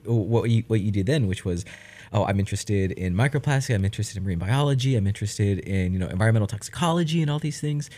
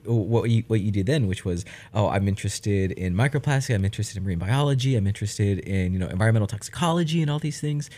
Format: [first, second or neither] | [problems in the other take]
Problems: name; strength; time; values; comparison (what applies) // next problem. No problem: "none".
second | audio freezing; at 2 s